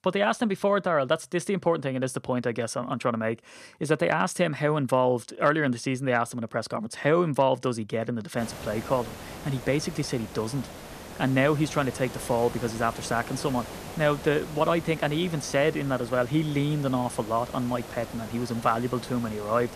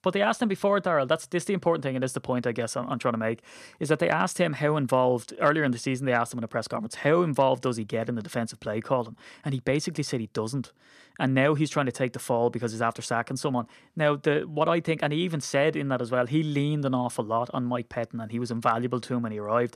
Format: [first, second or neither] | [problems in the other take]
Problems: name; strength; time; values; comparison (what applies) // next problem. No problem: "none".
second | hiss; noticeable; from 8.5 s on; 15 dB below the speech